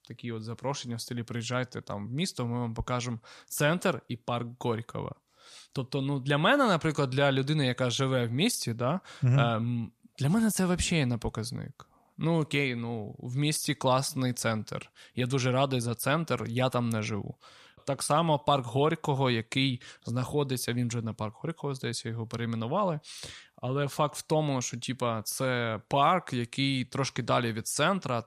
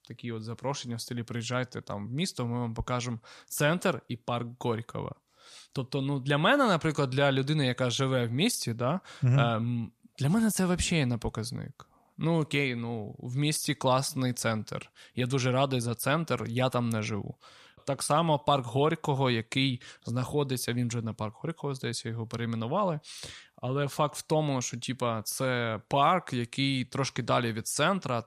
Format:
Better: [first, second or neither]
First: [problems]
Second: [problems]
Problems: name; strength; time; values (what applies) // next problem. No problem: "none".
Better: neither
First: none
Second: none